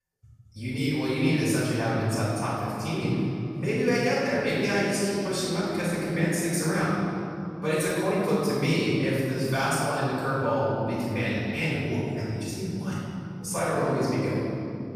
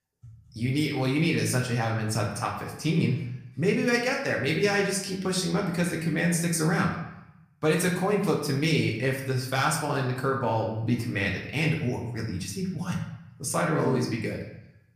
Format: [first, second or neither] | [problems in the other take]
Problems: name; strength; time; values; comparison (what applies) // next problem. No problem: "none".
second | room echo; strong; dies away in 2.8 s; slight in the second // off-mic speech; far; somewhat distant in the second